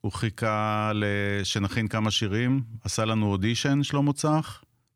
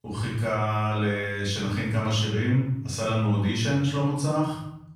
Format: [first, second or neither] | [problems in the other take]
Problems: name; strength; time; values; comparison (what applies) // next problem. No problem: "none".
first | off-mic speech; far // room echo; noticeable; dies away in 0.6 s